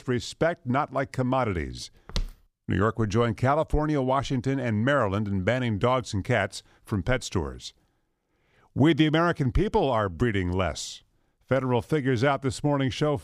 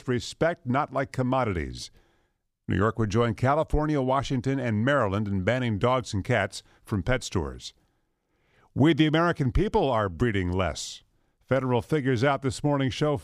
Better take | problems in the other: second | footsteps; noticeable; at 2 s; peak 9 dB below the speech

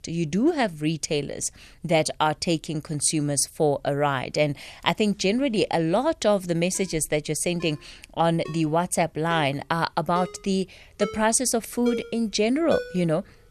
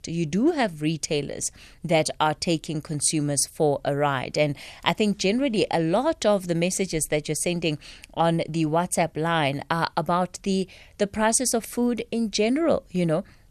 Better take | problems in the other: second | phone ringing; noticeable; from 7 to 13 s; peak 8 dB below the speech

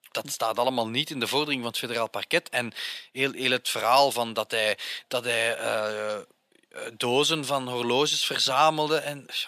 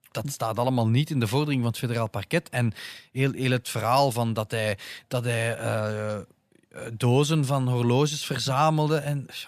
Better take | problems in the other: second | thin; somewhat; fading below 400 Hz

